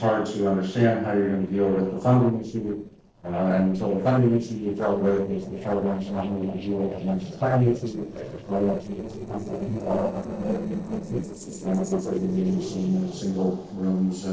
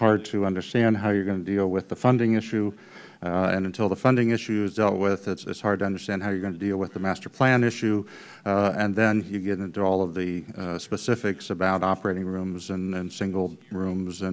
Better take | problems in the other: second | noise reduction (neural separator model SepFormer DNS4)

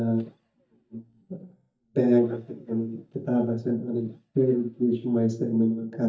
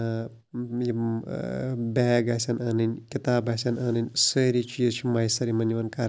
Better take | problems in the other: second | noise reduction (neural mask model DeepFilterNet 3)

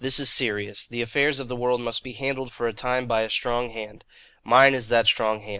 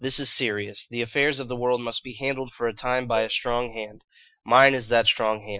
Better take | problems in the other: first | noise reduction (classical method Wiener filter)

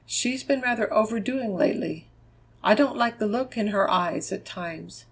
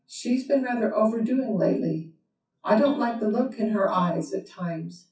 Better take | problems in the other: first | noise reduction (classical method WPE with log-MMSE)

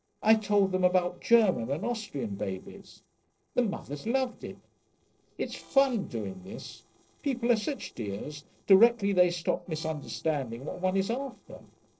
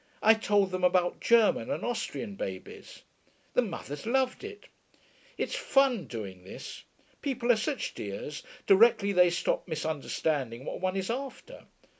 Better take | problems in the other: second | noise reduction (neural separator model SepFormer DNS4)

